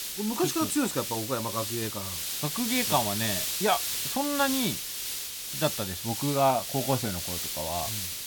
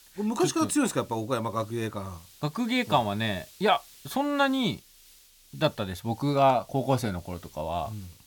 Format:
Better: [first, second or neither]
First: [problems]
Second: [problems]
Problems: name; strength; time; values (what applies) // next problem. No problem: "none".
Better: second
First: hiss; loud; throughout; 1 dB below the speech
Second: hiss; faint; throughout; 25 dB below the speech